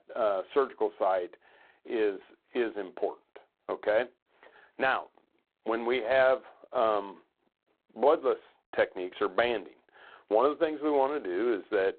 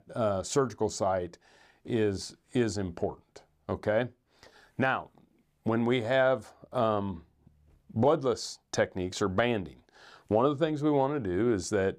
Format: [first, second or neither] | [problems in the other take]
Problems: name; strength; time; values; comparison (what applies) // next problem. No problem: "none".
second | phone-call audio; poor line; nothing above 4 kHz